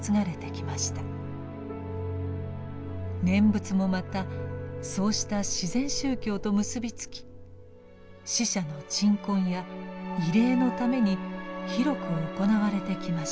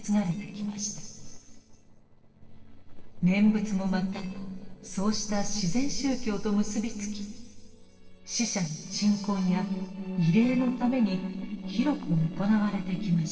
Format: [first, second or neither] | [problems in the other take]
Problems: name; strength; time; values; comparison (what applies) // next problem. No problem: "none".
first | noise reduction (neural separator model SepFormer DNS4)